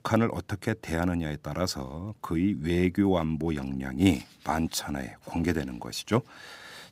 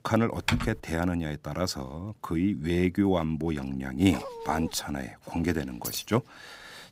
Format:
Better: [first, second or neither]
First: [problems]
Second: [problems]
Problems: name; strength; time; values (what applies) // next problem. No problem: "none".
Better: first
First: none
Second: keyboard typing; noticeable; at 0.5 s; peak level with the speech // dog barking; noticeable; at 4 s; peak 10 dB below the speech // jangling keys; noticeable; at 6 s; peak 7 dB below the speech